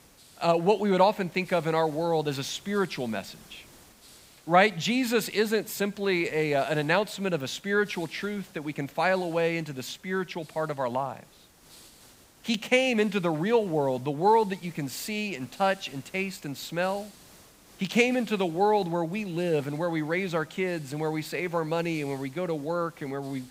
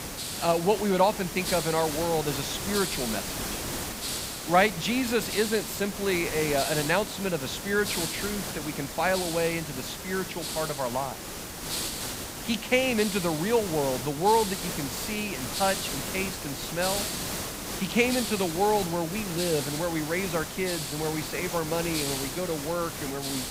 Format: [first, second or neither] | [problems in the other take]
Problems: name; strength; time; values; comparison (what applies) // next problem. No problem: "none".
first | hiss; loud; throughout; 4 dB below the speech; faint in the first